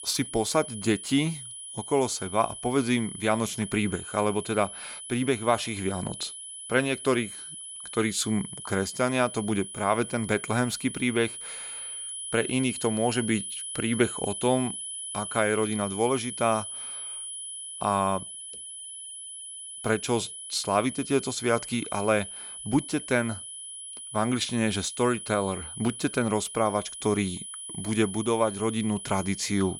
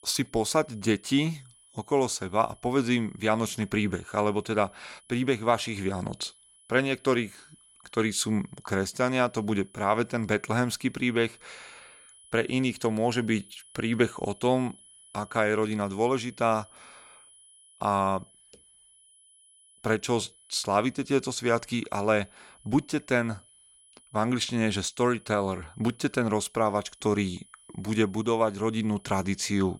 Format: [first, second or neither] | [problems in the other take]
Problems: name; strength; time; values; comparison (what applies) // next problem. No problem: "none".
second | high-pitched whine; loud; throughout; 10 kHz, 9 dB below the speech; faint in the second